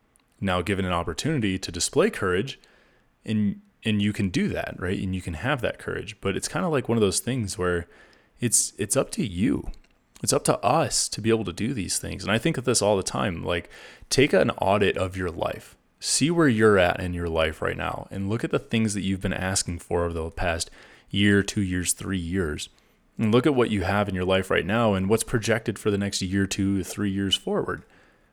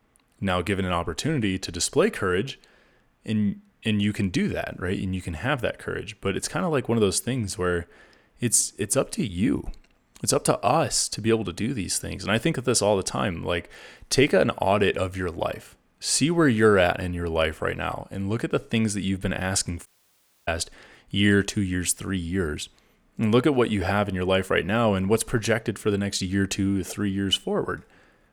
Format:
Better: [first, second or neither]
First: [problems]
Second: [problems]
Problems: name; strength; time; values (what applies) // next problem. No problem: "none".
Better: first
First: none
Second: audio cutting out; at 20 s for 0.5 s